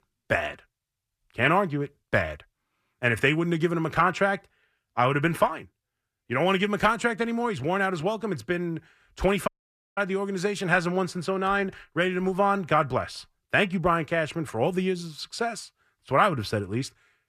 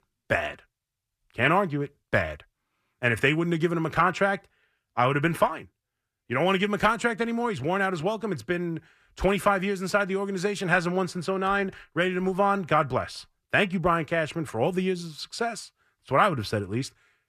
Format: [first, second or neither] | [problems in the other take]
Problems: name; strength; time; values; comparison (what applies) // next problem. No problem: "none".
second | audio cutting out; at 9.5 s